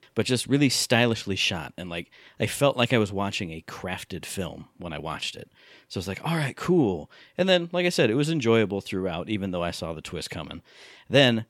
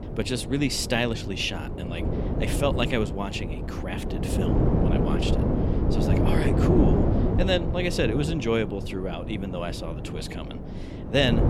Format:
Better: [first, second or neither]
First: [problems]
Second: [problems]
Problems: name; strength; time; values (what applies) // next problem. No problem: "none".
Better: first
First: none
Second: wind noise on the microphone; heavy; 3 dB below the speech